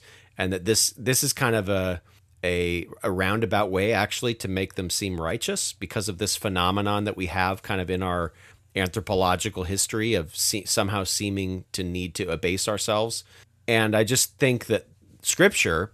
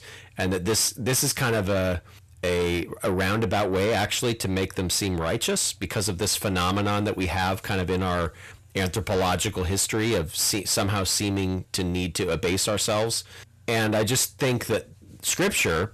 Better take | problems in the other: first | distortion; heavy; 6 dB below the speech

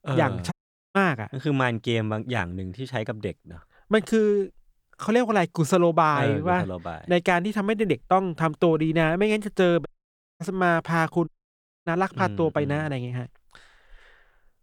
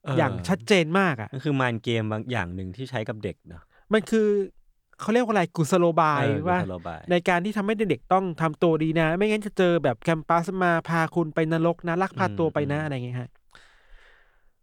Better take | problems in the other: second | audio cutting out; at 0.5 s, at 10 s for 0.5 s and at 11 s for 0.5 s

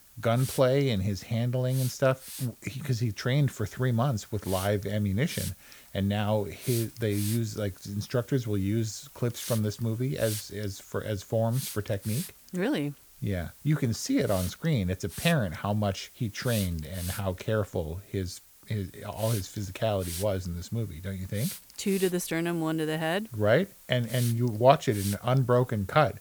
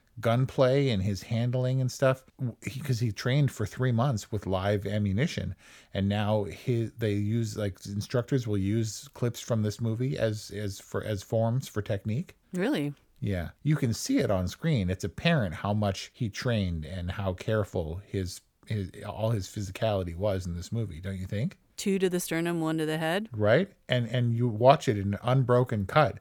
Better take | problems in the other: second | hiss; noticeable; throughout; 15 dB below the speech

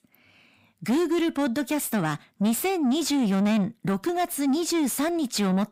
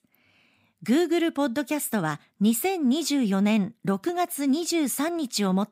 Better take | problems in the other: second | distortion; slight; 10 dB below the speech

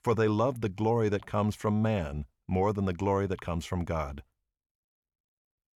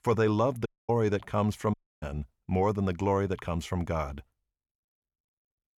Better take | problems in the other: first | audio cutting out; at 0.5 s and at 1.5 s

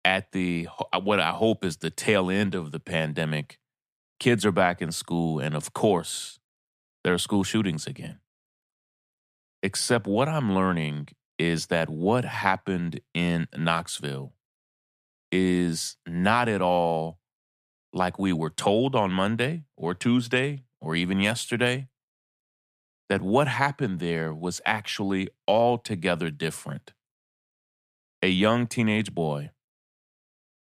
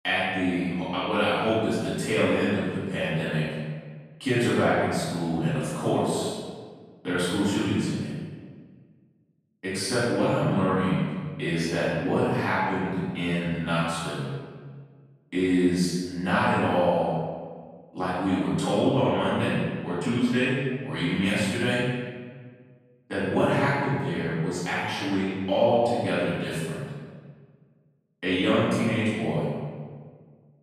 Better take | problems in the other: first | off-mic speech; far // room echo; strong; dies away in 1.4 s

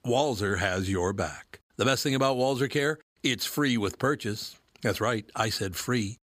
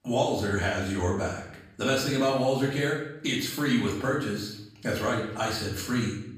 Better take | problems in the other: first | off-mic speech; far // room echo; noticeable; dies away in 0.7 s

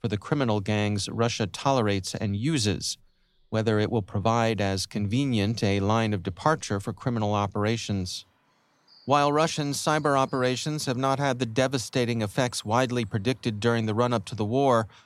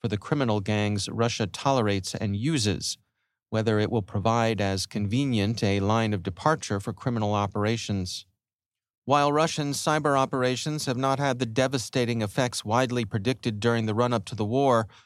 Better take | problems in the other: second | animal sounds; faint; throughout; 30 dB below the speech

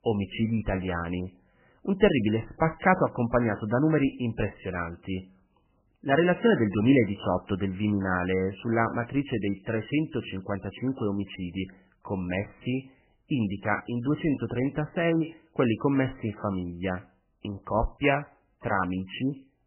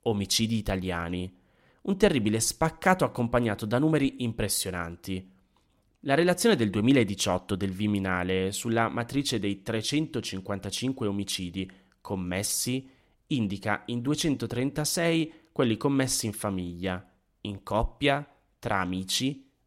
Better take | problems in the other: second | garbled, watery; badly; nothing above 3 kHz

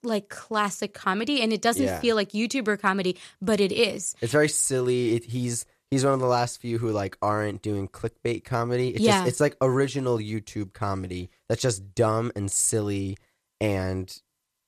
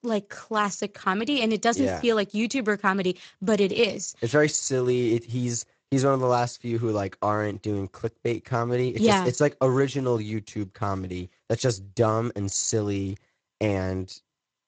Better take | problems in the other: first | garbled, watery; slightly; nothing above 7.5 kHz

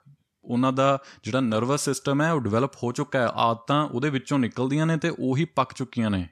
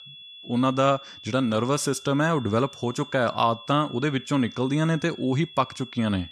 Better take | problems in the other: first | high-pitched whine; noticeable; throughout; 3.5 kHz, 15 dB below the speech

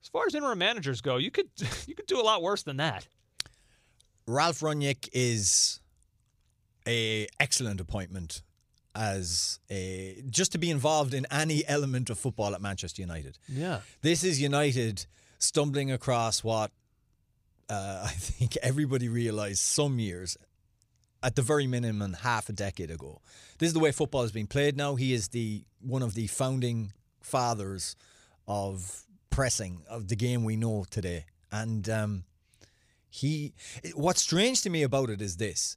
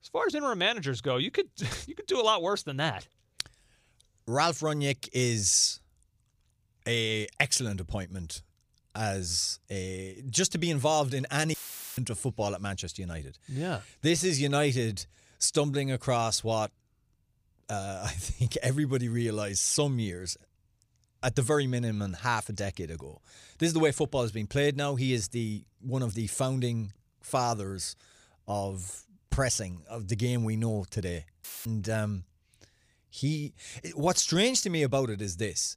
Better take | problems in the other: first | audio cutting out; filled with static; at 12 s and at 31 s

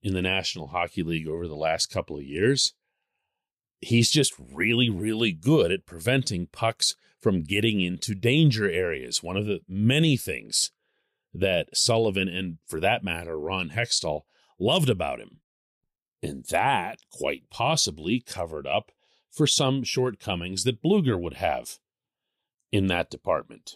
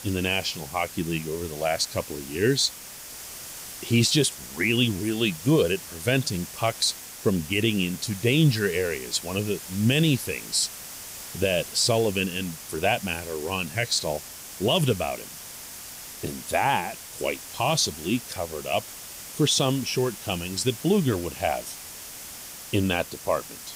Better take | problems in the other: first | hiss; noticeable; throughout; 10 dB below the speech

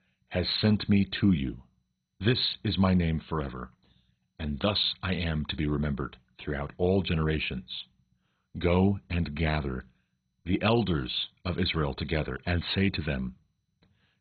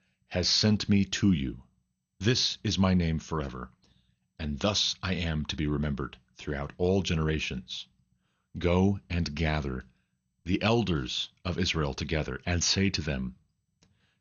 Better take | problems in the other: second | garbled, watery; badly; nothing above 4 kHz; slightly in the second

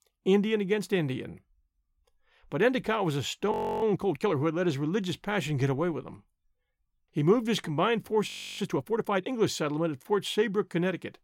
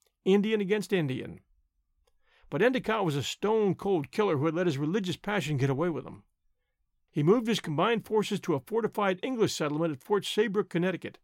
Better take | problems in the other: second | audio freezing; at 3.5 s and at 8.5 s

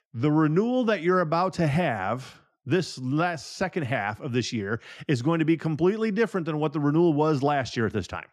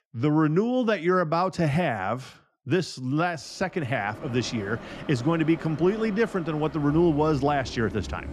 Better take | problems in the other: first | train or aircraft noise; noticeable; from 4 s on; 15 dB below the speech

